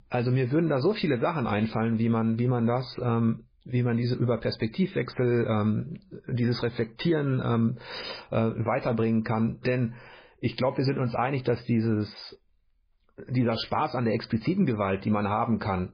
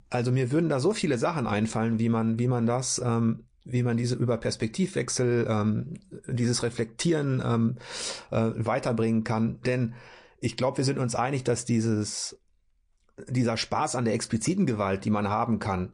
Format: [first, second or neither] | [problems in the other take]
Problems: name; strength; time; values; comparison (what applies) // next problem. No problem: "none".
second | garbled, watery; badly; nothing above 5 kHz; slightly in the second